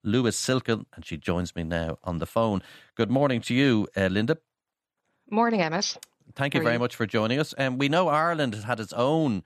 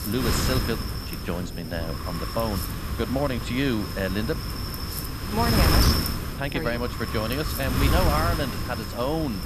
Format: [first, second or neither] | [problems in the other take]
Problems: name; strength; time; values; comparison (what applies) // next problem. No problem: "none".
first | wind noise on the microphone; heavy; 2 dB below the speech